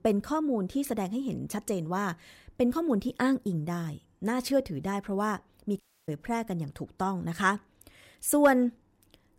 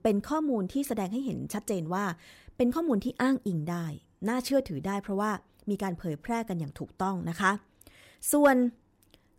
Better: second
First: audio cutting out; at 6 s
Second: none

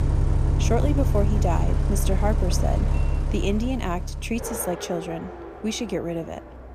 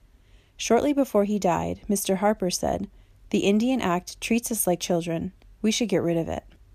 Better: second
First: traffic noise; very loud; throughout; 3 dB above the speech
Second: none

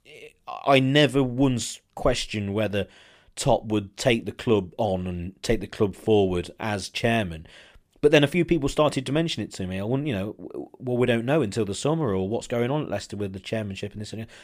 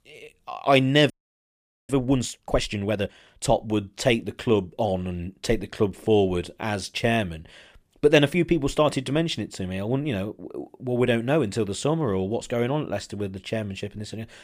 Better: first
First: none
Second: audio freezing; at 1 s for 1 s

